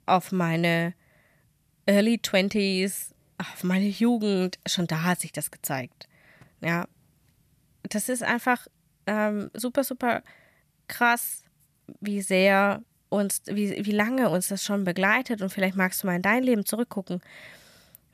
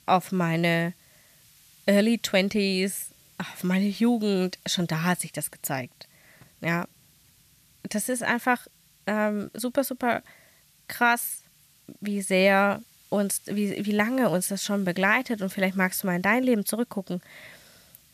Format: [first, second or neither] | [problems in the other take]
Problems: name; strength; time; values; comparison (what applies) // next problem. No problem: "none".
first | hiss; faint; throughout; 30 dB below the speech